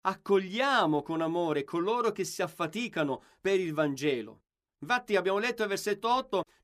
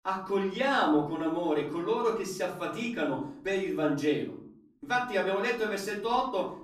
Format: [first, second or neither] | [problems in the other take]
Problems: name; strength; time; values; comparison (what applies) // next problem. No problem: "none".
first | off-mic speech; far // room echo; slight; dies away in 0.5 s